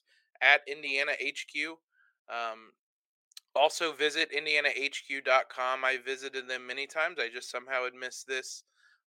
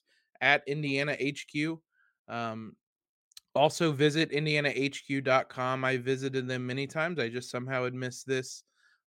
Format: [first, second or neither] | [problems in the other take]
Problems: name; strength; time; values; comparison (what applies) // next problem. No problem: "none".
second | thin; very; fading below 500 Hz